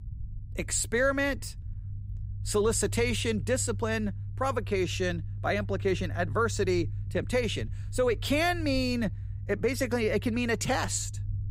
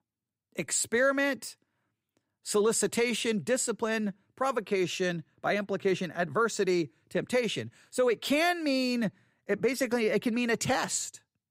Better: second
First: low rumble; faint; throughout; 25 dB below the speech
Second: none

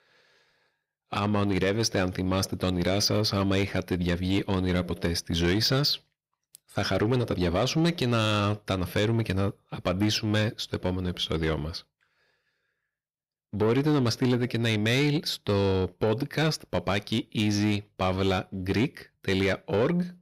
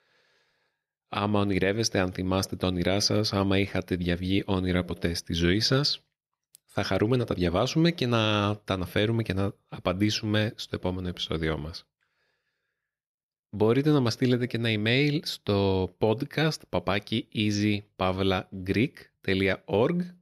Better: second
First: distortion; slight; 10 dB below the speech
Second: none

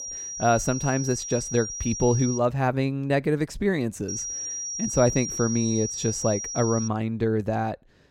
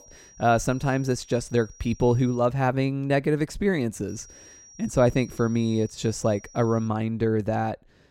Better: second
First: high-pitched whine; loud; until 2.5 s and from 4 to 7 s; 5.5 kHz, 5 dB below the speech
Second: high-pitched whine; faint; until 2.5 s and from 4 to 7 s; 5.5 kHz, 25 dB below the speech

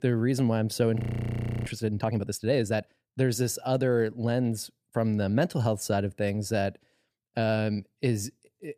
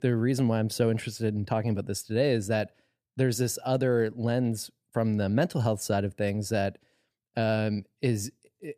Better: second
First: audio freezing; at 1 s for 0.5 s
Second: none

